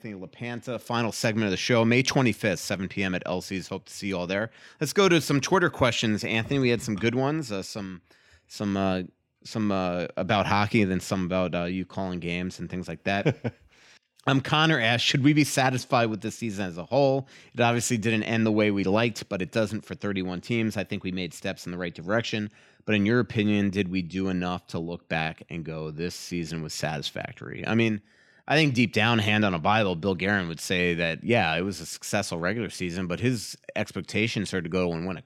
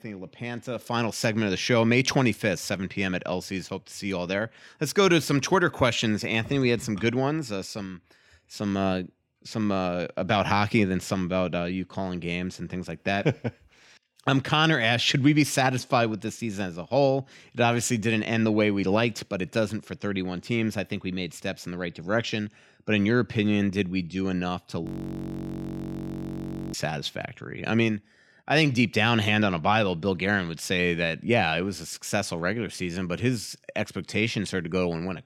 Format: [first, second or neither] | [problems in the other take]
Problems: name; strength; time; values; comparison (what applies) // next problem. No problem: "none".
first | audio freezing; at 25 s for 2 s